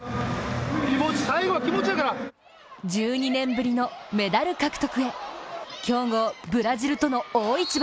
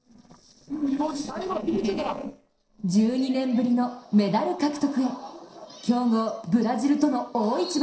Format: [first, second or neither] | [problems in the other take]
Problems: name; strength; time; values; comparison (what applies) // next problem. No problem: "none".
first | noise reduction (neural separator model SepFormer DNS4)